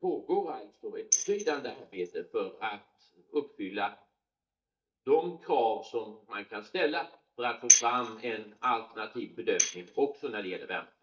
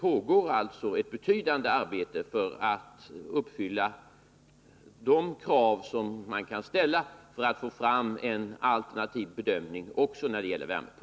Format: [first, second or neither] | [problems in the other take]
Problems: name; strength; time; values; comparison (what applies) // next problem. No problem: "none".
second | noise reduction (neural mask model DeepFilterNet 3)